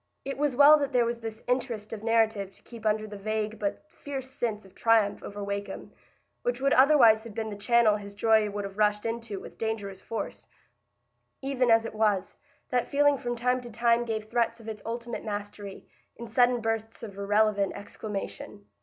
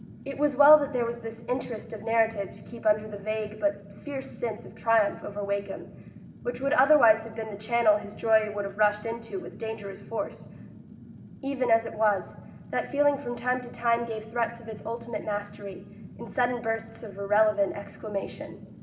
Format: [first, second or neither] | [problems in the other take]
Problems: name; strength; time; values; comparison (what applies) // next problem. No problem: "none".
first | background sound (Fire); 17 dB below the speech // room echo; dies away in 0.9 s